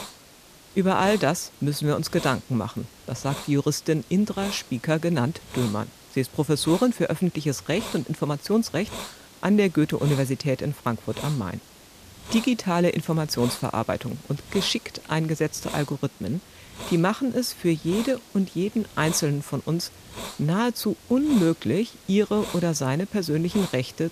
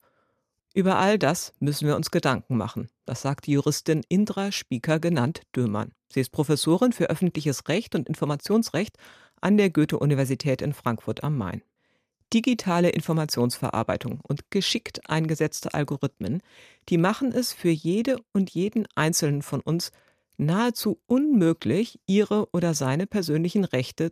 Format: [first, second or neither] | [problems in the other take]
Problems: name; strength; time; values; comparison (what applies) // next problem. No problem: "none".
second | hiss; noticeable; throughout; 15 dB below the speech